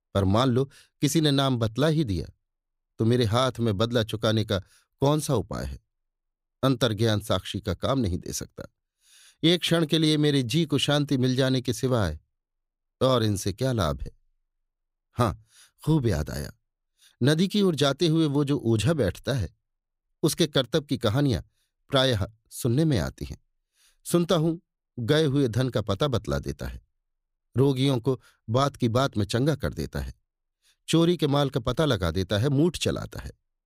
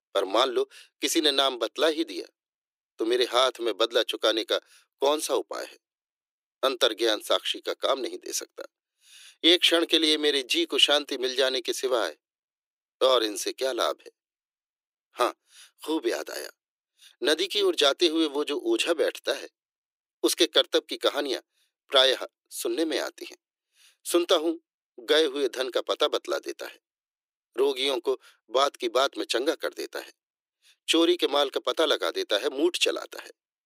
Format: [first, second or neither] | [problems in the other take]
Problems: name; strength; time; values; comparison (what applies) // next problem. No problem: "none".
first | thin; very; fading below 350 Hz